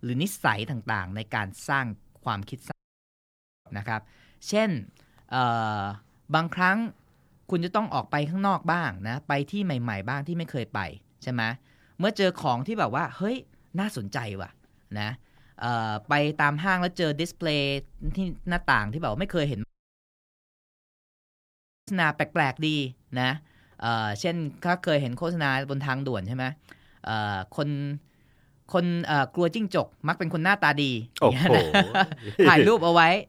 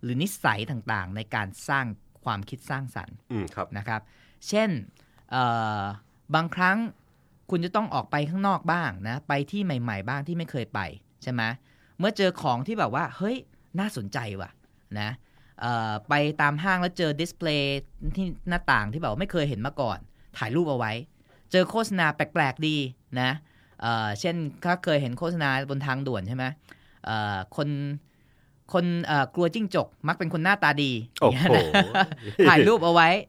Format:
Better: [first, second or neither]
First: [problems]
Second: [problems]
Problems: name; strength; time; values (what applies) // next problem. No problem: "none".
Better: second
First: audio cutting out; at 2.5 s for 1 s and at 20 s for 2 s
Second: none